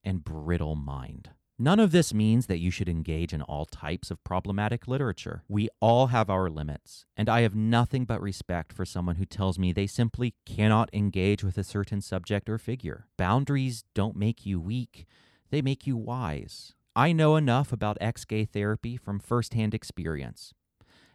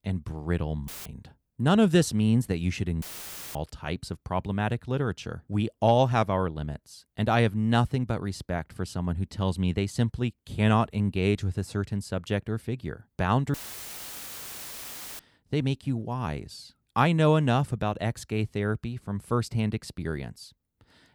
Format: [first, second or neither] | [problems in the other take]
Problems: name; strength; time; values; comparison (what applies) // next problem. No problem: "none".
first | audio cutting out; filled with static; at 1 s, at 3 s for 0.5 s and at 14 s for 1.5 s